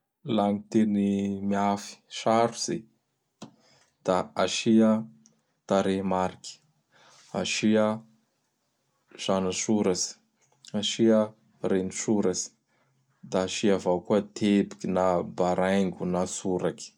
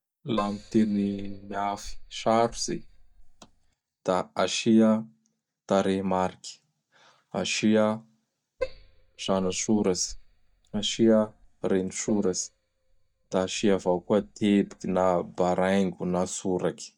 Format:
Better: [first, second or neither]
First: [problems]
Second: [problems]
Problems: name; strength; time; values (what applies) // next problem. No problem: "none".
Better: first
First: none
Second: noise reduction (neural mask model DeepFilterNet 3)